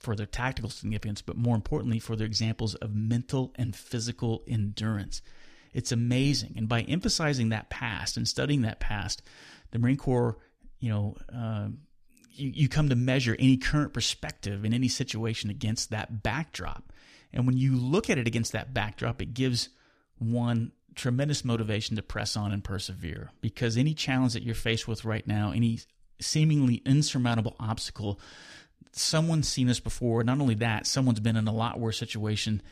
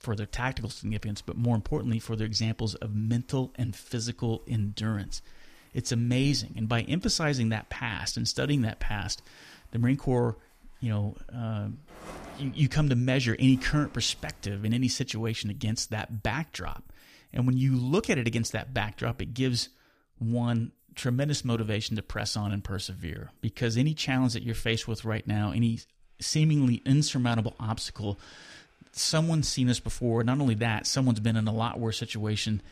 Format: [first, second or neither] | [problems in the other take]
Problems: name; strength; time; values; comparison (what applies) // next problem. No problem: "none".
first | household noises; faint; throughout; 30 dB below the speech